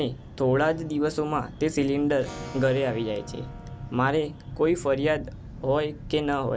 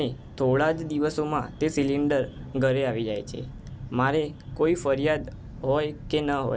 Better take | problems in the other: second | background sound (Acoustic guitar / Strum); 19 dB below the speech

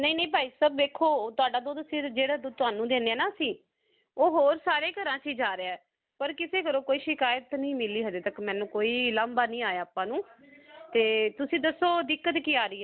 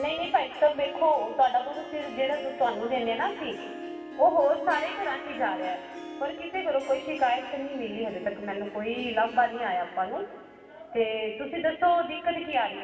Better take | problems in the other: first | background sound (Harp); 15 dB below the speech // room echo; dies away in 2 s

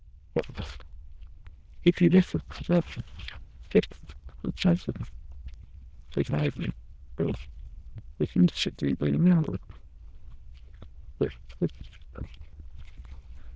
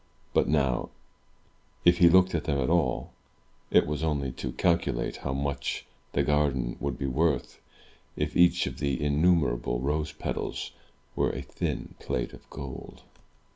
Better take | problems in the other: second | noise reduction (neural diffusion model UNIVERSE++)

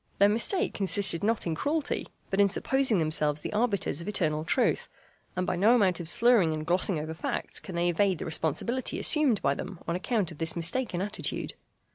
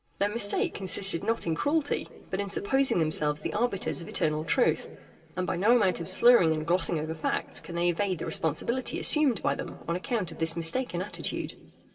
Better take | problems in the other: first | room echo; dies away in 2.8 s

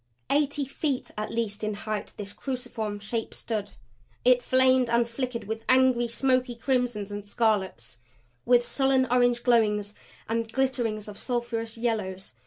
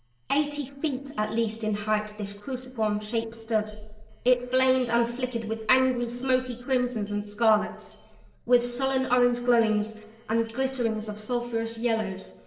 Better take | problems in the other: first | noise reduction (neural separator model SepFormer DNS4)

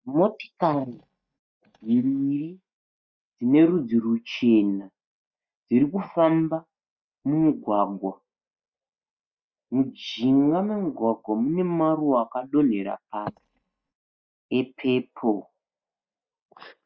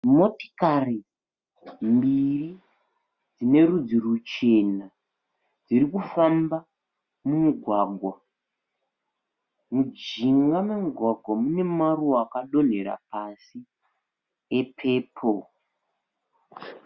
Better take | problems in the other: second | noise reduction (neural mask model DeepFilterNet 3)

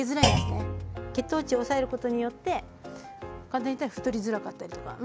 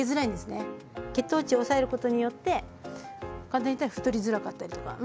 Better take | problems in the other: second | background sound (Thump, thud); 2 dB below the speech

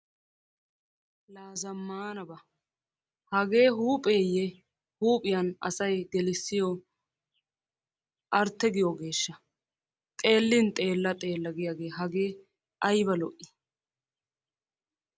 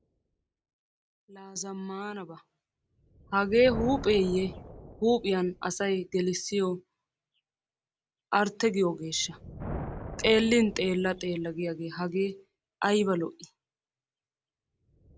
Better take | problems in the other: first | background sound (Thunder); 15 dB below the speech

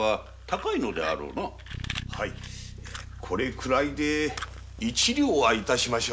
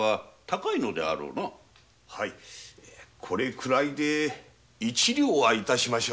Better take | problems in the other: second | background sound (Fire + Bass guitar); 12 dB below the speech

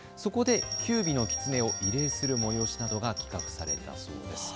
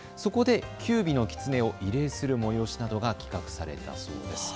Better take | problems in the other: second | background sound (Bell); 3 dB below the speech

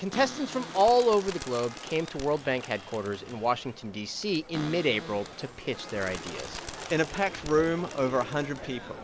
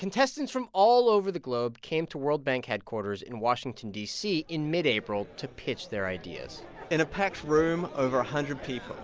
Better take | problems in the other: second | background sound (Bird + Cupboard open or close); 14 dB below the speech

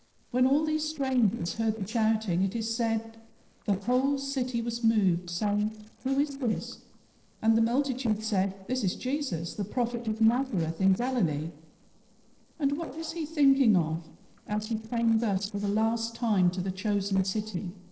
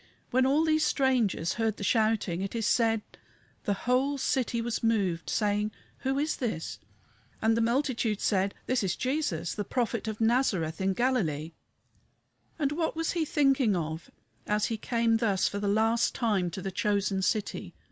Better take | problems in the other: second | noise reduction (neural separator model SepFormer DNS4)

